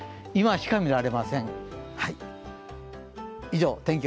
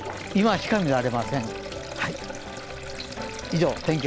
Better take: first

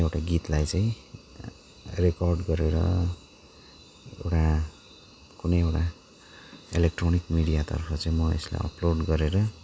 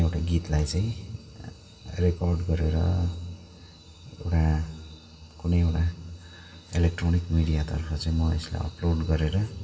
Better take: first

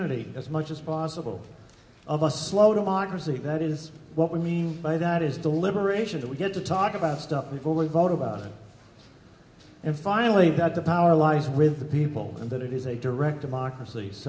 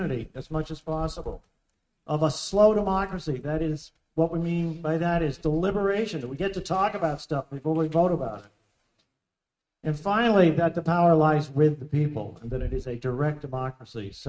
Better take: first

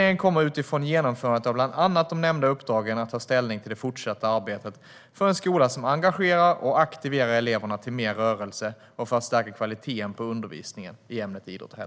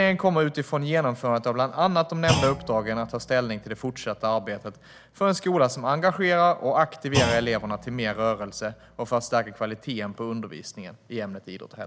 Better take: first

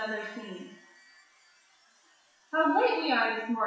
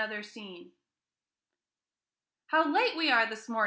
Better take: second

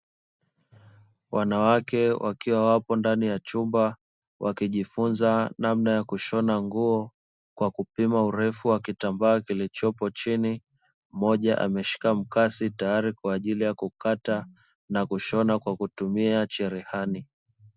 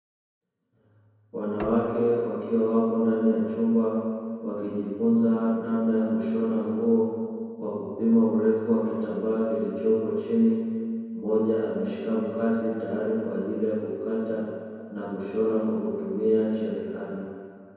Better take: first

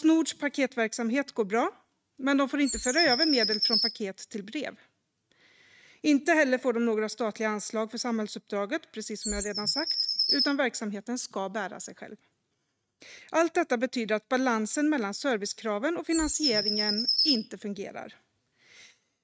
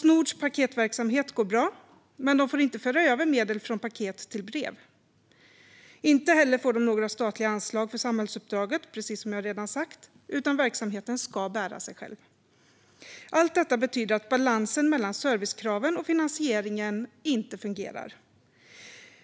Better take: second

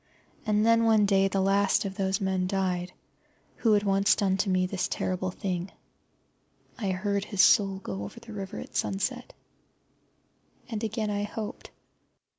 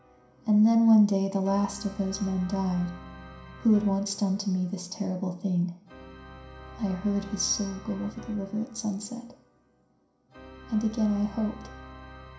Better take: first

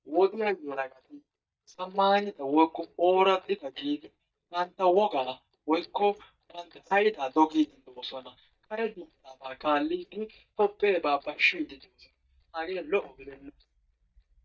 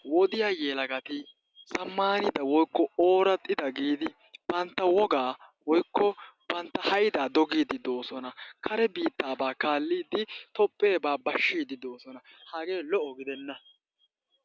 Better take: second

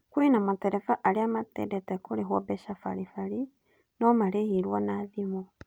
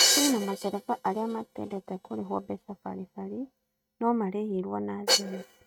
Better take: first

